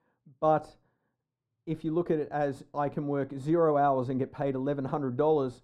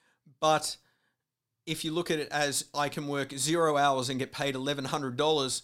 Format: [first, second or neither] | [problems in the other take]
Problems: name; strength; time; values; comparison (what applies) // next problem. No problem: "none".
second | muffled; very; fading above 2 kHz